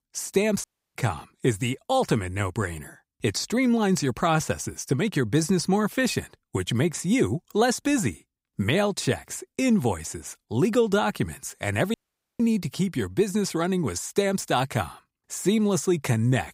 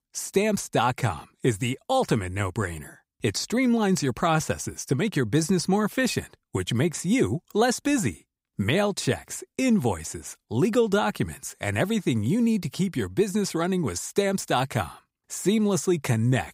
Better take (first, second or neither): second